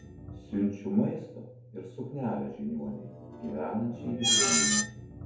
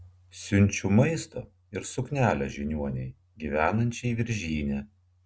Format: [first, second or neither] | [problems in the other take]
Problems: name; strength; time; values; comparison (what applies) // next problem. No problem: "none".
second | background sound (Screech); as loud as the speech // room echo; dies away in 2.3 s